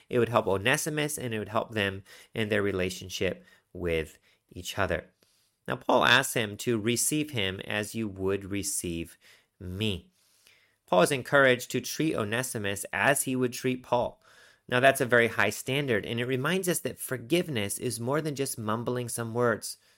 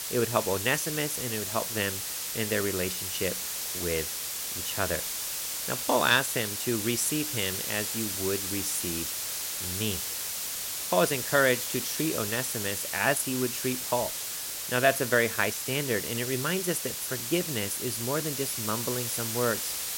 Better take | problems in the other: first | hiss; loud; throughout; 1 dB below the speech

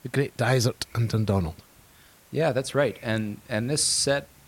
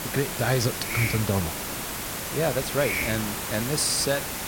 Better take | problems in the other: first | hiss; loud; throughout; 2 dB below the speech; faint in the first

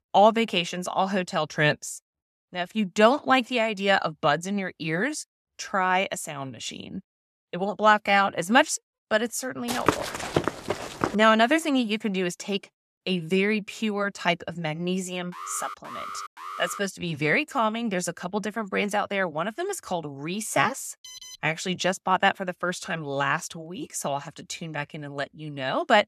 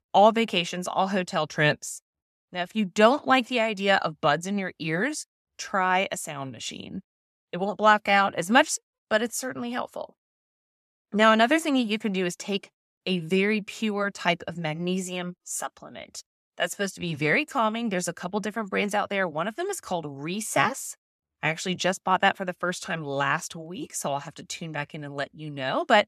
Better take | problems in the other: second | footsteps; noticeable; from 9.5 to 11 s; peak 1 dB below the speech // alarm; noticeable; from 15 to 17 s; peak 10 dB below the speech // alarm; faint; at 21 s; peak 15 dB below the speech

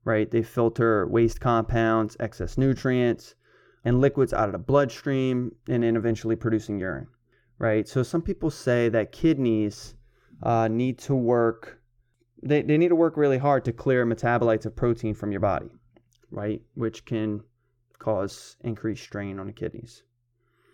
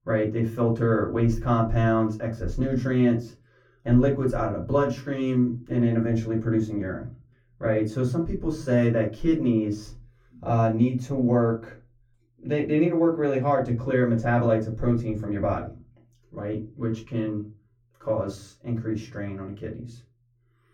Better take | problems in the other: first | off-mic speech; far // room echo; very slight; dies away in 0.3 s

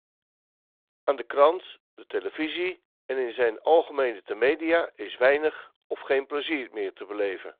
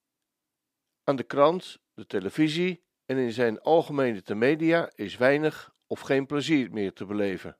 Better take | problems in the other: second | phone-call audio

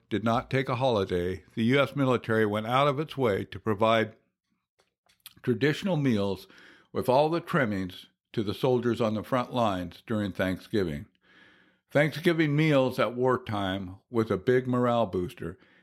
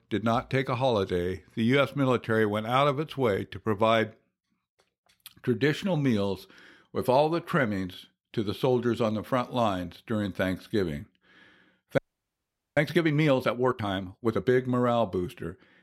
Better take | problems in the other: first | audio freezing; at 12 s for 1 s

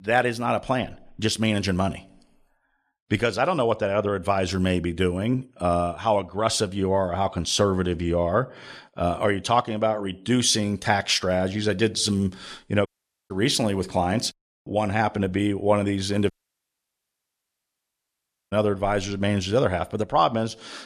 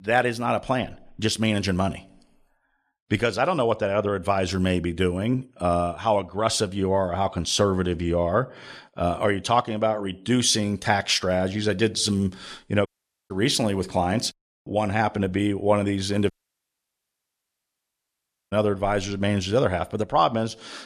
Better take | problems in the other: neither | audio cutting out; at 13 s and at 16 s for 2 s; the same in both

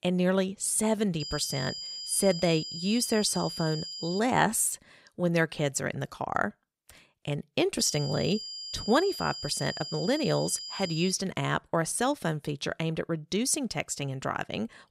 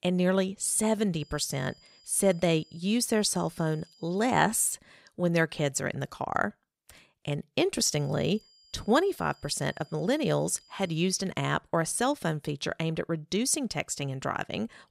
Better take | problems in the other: second | high-pitched whine; loud; from 1 to 4 s and from 8 to 11 s; 5 kHz, 8 dB below the speech; faint in the second

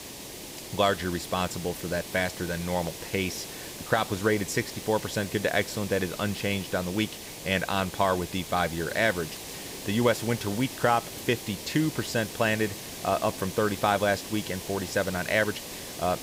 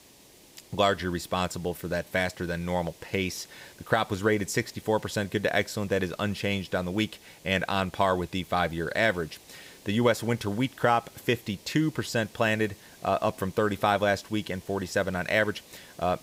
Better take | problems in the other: second | hiss; loud; throughout; 10 dB below the speech; faint in the second

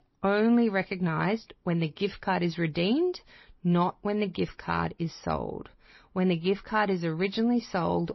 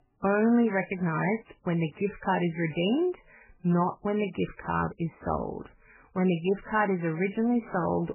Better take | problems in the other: first | garbled, watery; badly; nothing above 3 kHz; slightly in the first

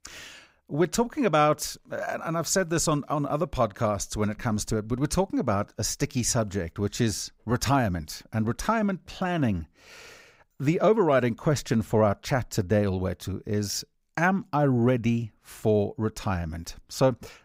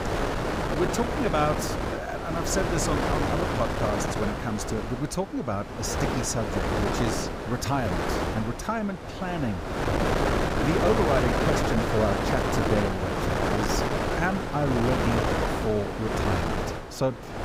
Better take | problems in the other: first | wind noise on the microphone; heavy; 3 dB above the speech

